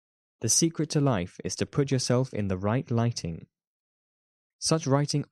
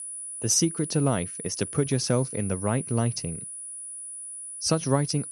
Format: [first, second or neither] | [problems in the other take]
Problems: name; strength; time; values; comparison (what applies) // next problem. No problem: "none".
first | high-pitched whine; loud; throughout; 10 kHz, 8 dB below the speech